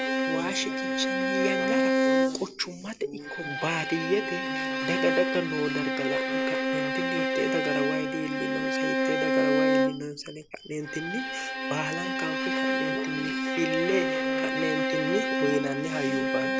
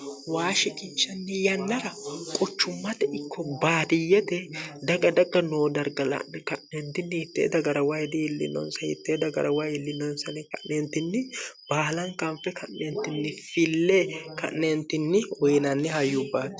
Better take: second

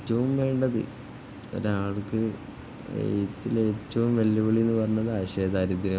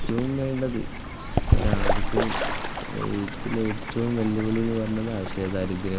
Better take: first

